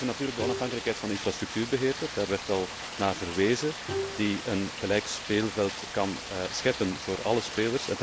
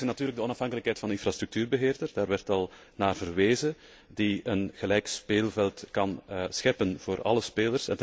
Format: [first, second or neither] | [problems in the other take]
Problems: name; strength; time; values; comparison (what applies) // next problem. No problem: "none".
second | background sound (Rain + Bowed string instrument); 7 dB below the speech